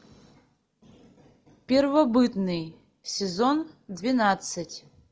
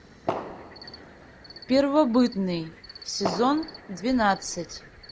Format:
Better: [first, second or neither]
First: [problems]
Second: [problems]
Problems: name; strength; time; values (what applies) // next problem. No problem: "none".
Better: first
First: none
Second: background sound (Cricket + Fireworks); 12 dB below the speech